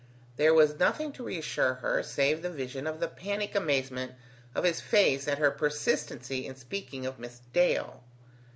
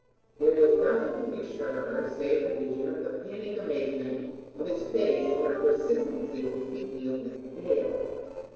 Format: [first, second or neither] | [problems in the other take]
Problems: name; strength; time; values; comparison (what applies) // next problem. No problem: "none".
first | noise reduction (neural separator model SepFormer DNS4)